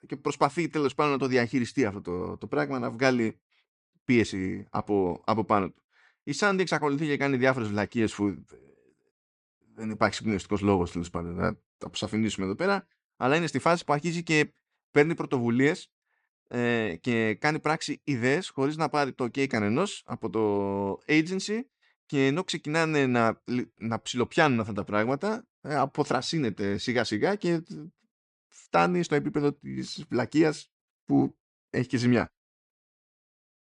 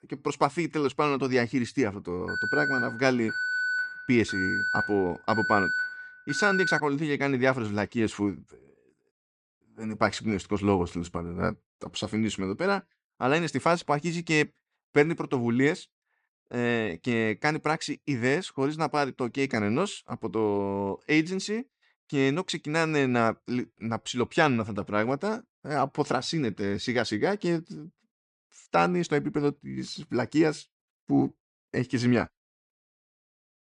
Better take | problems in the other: first | alarm; loud; from 2.5 to 7 s; peak 1 dB above the speech

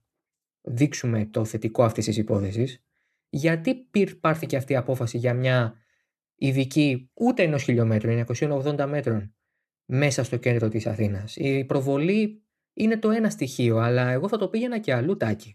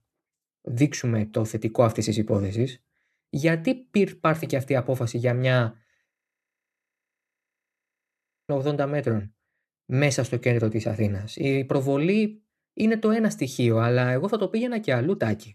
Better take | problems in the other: first | audio freezing; at 6 s for 2.5 s

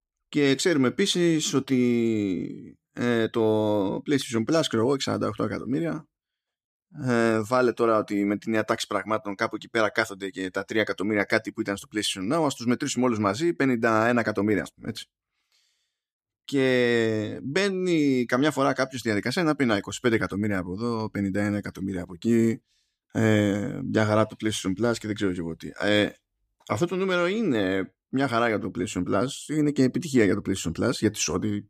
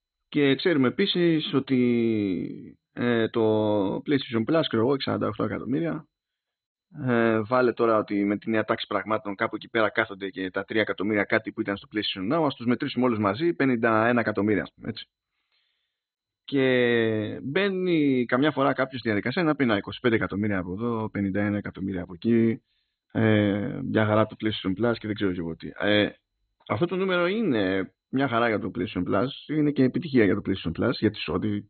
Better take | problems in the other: first | garbled, watery; badly; nothing above 4 kHz

